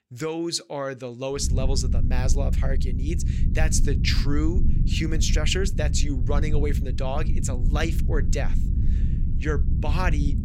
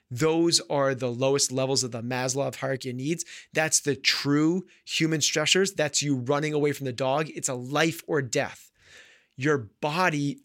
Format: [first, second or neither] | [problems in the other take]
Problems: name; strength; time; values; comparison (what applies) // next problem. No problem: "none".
second | low rumble; loud; from 1.5 s on; 10 dB below the speech